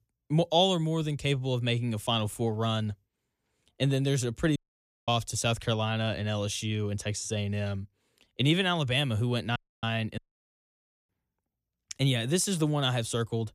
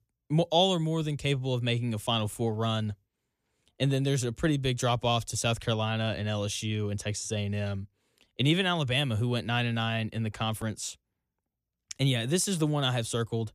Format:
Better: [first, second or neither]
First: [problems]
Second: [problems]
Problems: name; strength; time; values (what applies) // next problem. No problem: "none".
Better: second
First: audio cutting out; at 4.5 s for 0.5 s, at 9.5 s and at 10 s for 1 s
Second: none